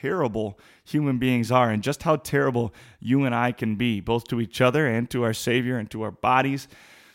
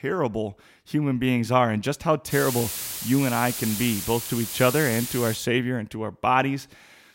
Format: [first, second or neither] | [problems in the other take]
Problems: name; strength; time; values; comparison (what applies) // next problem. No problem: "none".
first | hiss; loud; from 2.5 to 5.5 s; 5 dB below the speech